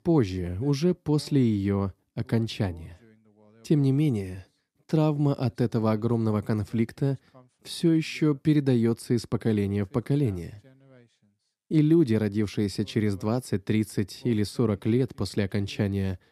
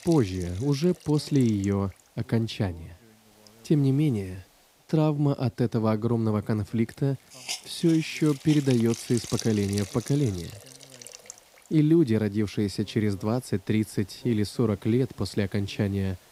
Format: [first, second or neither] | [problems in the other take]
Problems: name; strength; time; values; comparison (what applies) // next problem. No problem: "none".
first | hiss; noticeable; throughout; 15 dB below the speech